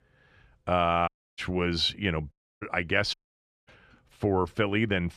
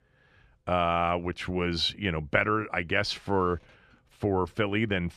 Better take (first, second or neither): second